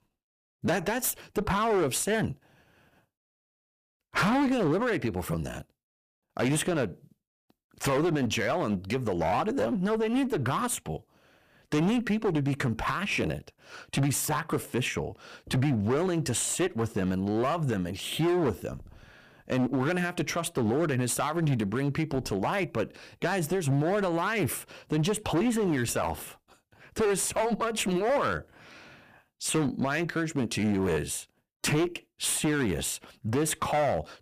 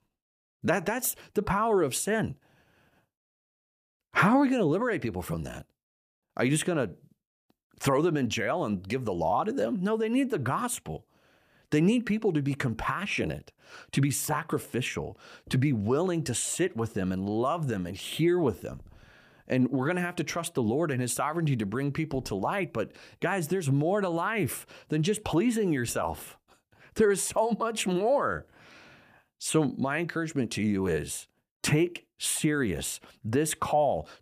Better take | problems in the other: second | distortion; slight; 14% of the sound clipped

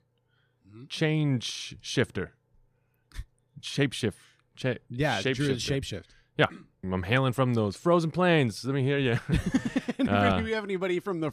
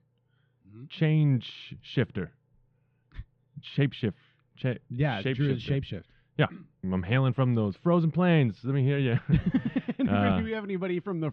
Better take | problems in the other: first | muffled; slightly; fading above 3 kHz

